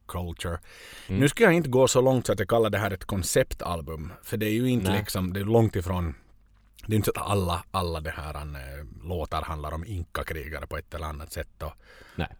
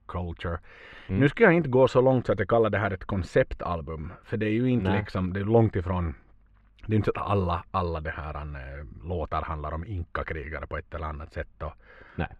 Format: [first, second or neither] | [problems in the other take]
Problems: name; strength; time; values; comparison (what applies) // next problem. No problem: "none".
first | muffled; very; fading above 2 kHz